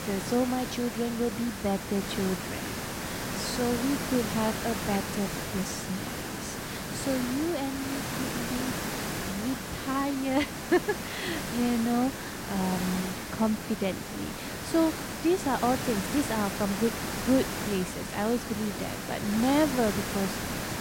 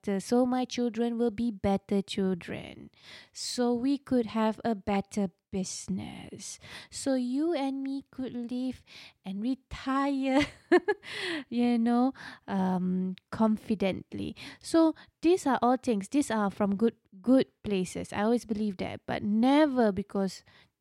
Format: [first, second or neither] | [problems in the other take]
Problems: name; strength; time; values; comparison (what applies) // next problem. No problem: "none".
second | hiss; loud; throughout; 4 dB below the speech